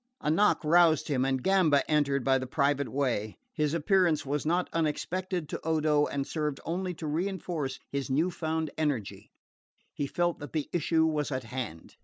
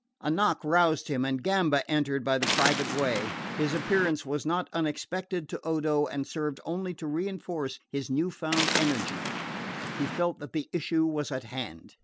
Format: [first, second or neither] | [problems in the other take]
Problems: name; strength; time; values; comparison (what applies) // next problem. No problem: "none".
first | background sound (Waves, surf); 4 dB below the speech